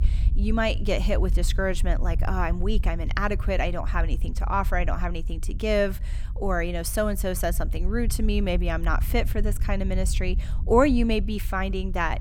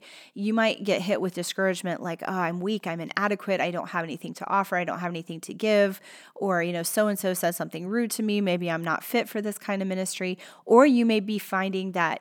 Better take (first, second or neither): second